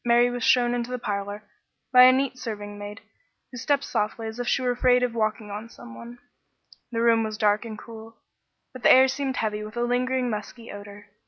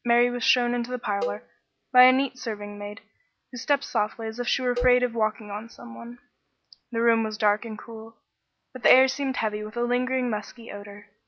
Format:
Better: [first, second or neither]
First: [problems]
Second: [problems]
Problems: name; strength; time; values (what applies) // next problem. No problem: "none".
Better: first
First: none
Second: background sound (Cowbell); 12 dB below the speech